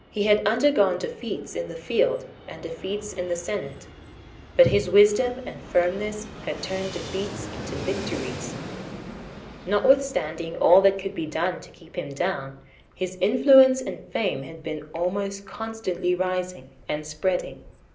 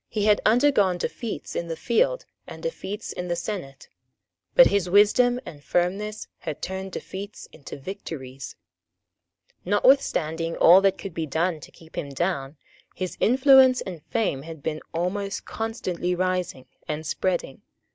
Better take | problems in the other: second | background sound (Fixed-wing aircraft, airplane); 15 dB below the speech // room echo; dies away in 0.5 s

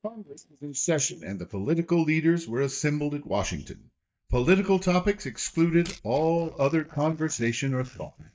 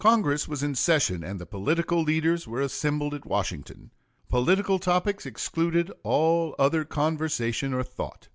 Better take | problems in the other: second | noise reduction (neural mask model DeepFilterNet 3)

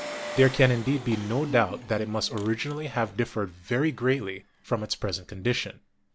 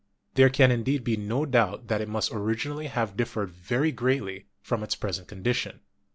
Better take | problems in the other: second | background sound (Engine); 15 dB below the speech

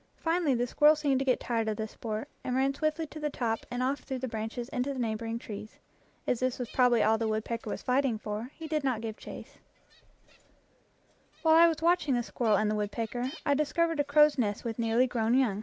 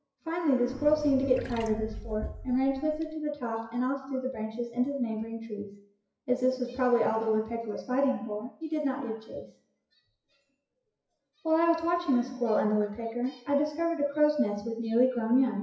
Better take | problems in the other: first | noise reduction (classical method WPE with log-MMSE)

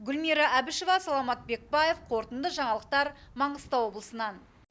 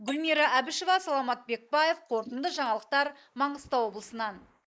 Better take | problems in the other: first | noise reduction (neural mask model Resemble Enhance denoiser)

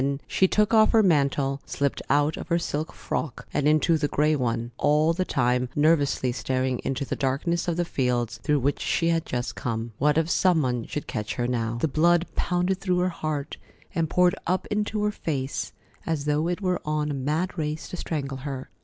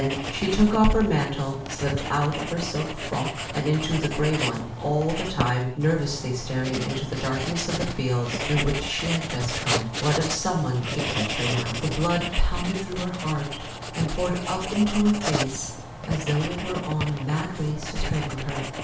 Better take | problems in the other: first | background sound (Writing); 6 dB below the speech // room echo; dies away in 0.5 s

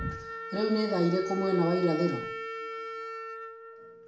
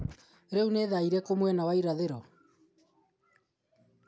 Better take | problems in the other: second | background sound (Wind instrument, woodwind instrument); 8 dB below the speech // room echo; dies away in 0.5 s

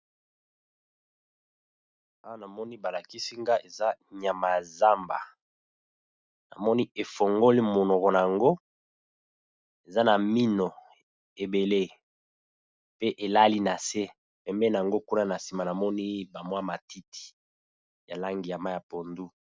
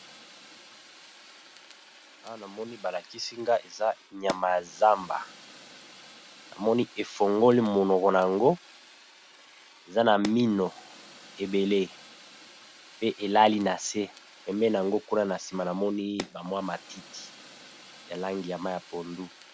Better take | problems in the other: first | background sound (Fire); 19 dB below the speech

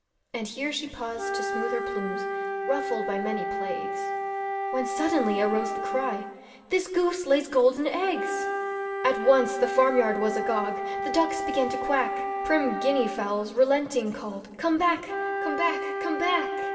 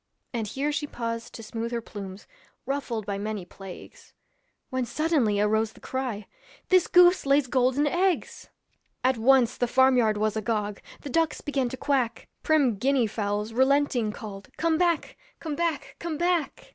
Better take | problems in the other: second | background sound (Wind instrument, woodwind instrument); 4 dB below the speech // room echo; dies away in 1.7 s

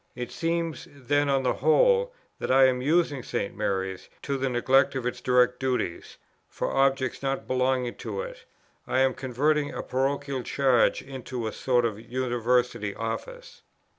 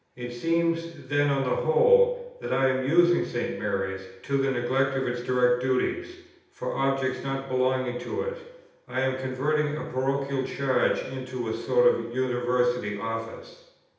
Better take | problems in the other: first | room echo; dies away in 0.8 s

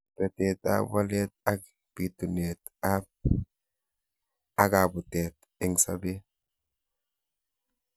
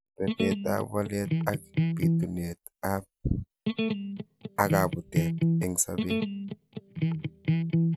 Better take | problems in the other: first | background sound (Electric guitar); 4 dB above the speech

